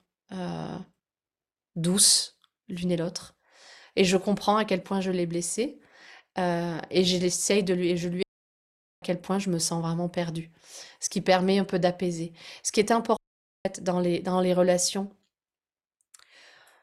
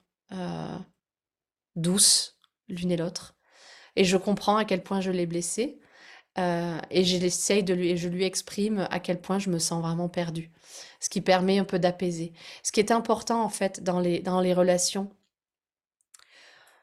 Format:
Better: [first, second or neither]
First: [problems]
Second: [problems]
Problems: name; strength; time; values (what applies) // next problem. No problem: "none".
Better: second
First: audio cutting out; at 8 s for 1 s and at 13 s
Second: none